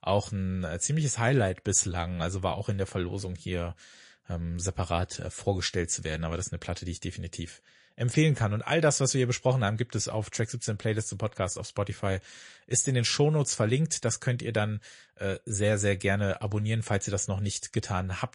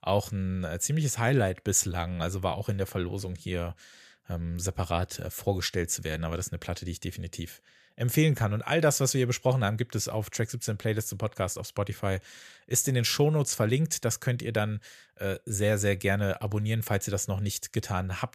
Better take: second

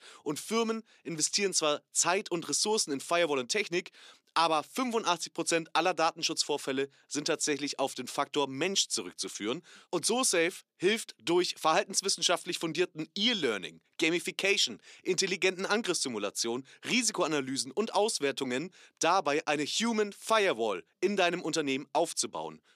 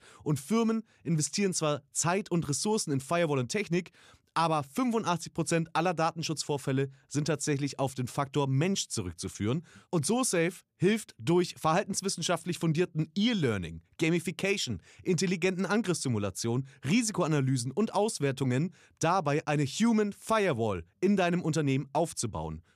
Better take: second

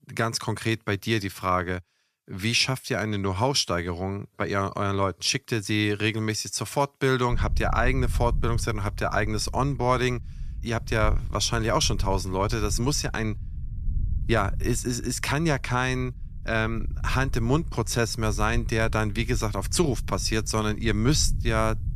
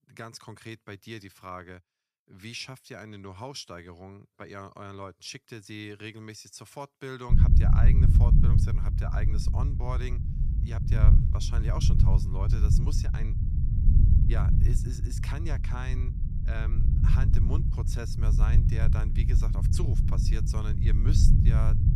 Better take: first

